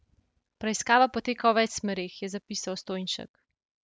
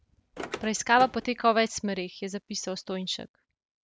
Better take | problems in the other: first | background sound (Car); 12 dB below the speech

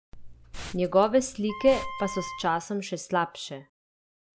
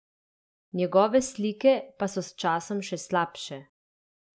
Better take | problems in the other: second | background sound (Wind instrument, woodwind instrument + Liquid); 11 dB below the speech

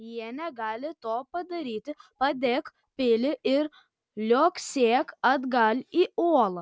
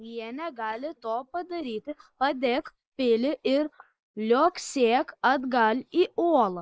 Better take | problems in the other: first | noise reduction (neural mask model Resemble Enhance denoiser)

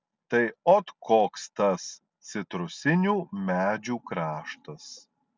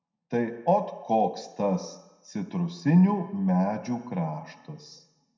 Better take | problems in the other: first | room echo; dies away in 0.7 s

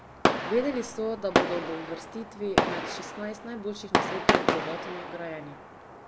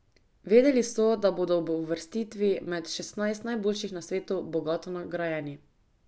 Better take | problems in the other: second | background sound (Fireworks); 5 dB above the speech

